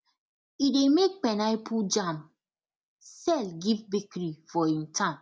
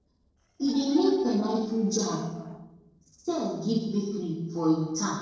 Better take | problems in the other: first | noise reduction (neural separator model SepFormer DNS4)

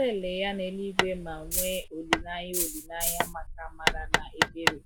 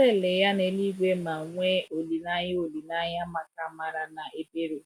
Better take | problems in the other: second | background sound (Rattle (instrument) + Hammer); 3 dB above the speech

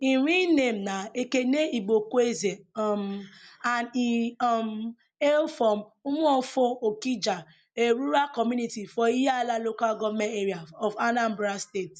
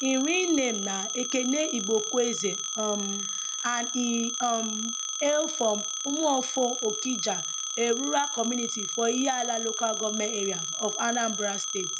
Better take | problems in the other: first | background sound (Telephone); 3 dB below the speech

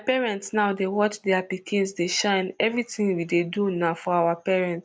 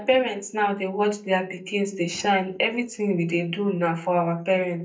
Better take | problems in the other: first | noise reduction (neural mask model DeepFilterNet 3)

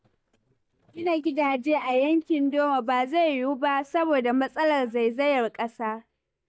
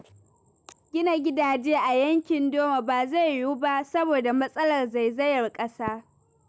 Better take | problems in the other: second | noise reduction (neural mask model DeepFilterNet 3)

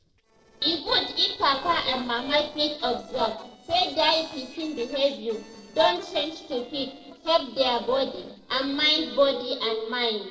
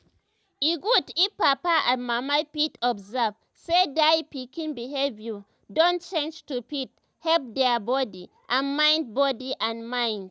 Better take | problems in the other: second | noise reduction (neural separator model SepFormer DNS4)

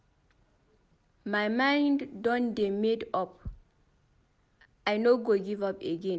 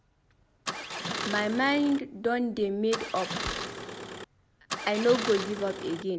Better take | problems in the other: first | background sound (Engine starting); 7 dB below the speech

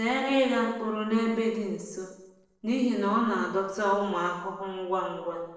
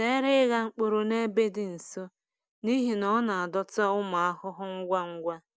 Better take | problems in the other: second | noise reduction (neural separator model SepFormer DNS4)

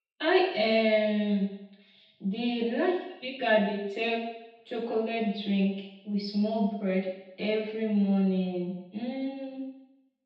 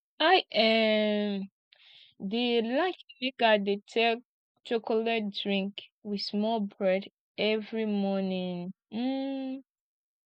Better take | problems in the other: second | room echo; dies away in 0.8 s

